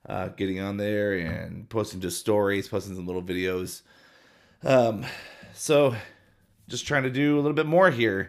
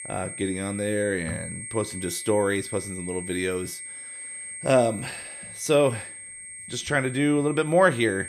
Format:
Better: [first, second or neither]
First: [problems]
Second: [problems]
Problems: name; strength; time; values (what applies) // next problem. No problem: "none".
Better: first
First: none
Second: high-pitched whine; noticeable; throughout; 8.5 kHz, 10 dB below the speech